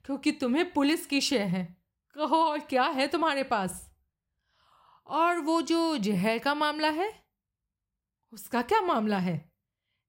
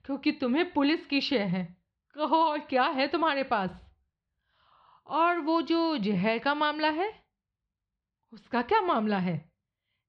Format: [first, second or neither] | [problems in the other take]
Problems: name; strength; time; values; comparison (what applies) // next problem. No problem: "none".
first | muffled; very slightly; fading above 4 kHz